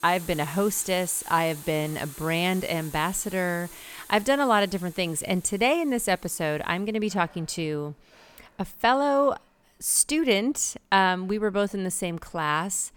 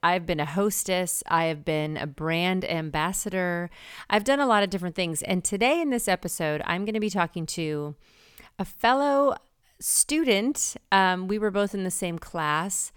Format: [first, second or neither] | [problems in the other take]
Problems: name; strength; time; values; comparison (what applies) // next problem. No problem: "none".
second | household noises; noticeable; throughout; 15 dB below the speech